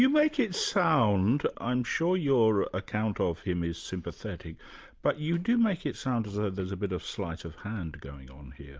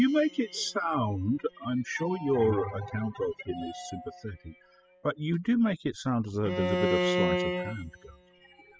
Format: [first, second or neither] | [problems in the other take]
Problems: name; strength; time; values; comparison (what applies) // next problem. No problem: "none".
first | noise reduction (classical method spectral subtraction)